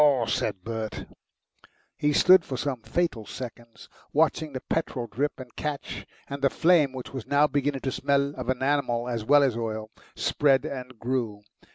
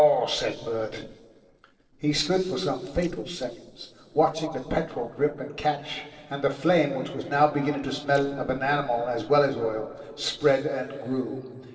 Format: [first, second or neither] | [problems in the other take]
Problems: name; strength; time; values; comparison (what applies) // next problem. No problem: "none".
first | noise reduction (neural separator model SepFormer DNS4)